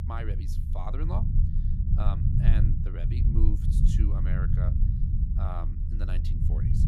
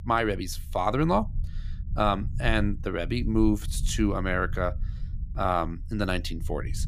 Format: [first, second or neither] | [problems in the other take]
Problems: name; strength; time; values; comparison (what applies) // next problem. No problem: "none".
second | low rumble; loud; throughout; as loud as the speech; faint in the second